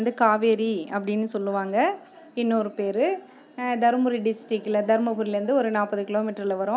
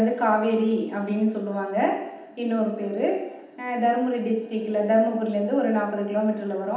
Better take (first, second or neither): first